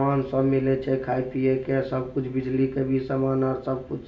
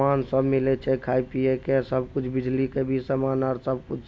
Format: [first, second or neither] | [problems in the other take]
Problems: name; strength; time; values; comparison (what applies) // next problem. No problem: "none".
second | room echo; dies away in 0.5 s